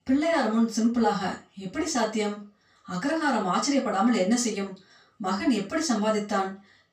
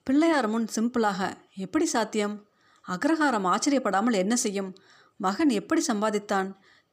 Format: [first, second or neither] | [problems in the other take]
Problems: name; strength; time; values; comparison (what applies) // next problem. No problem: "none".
second | room echo; noticeable; dies away in 0.2 s // off-mic speech; far